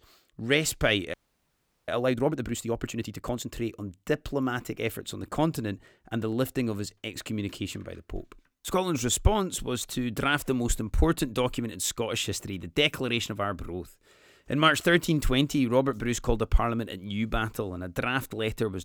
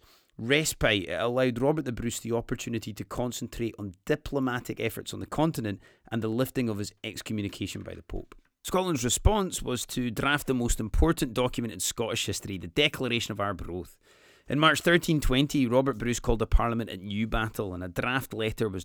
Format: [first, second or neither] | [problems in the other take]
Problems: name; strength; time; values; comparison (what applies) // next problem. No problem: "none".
second | audio freezing; at 1 s for 0.5 s